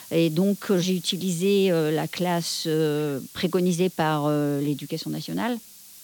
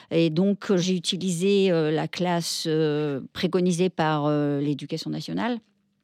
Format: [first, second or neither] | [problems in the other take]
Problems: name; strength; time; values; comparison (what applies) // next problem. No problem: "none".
second | hiss; noticeable; throughout; 15 dB below the speech